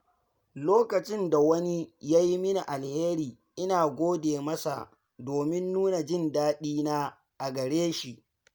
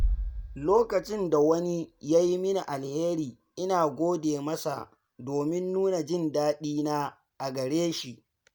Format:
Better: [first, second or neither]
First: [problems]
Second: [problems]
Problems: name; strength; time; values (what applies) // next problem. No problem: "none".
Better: first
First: none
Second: background sound (Bass drum); 11 dB below the speech